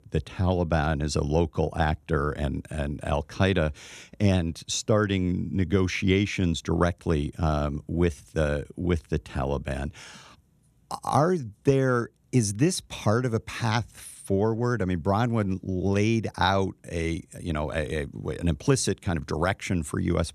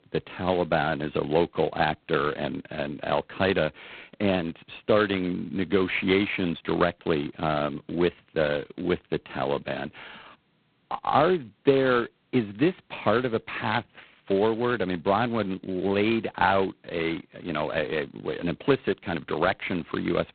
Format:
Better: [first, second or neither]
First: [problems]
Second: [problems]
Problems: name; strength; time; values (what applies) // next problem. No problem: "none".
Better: first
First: none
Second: phone-call audio; poor line; nothing above 4 kHz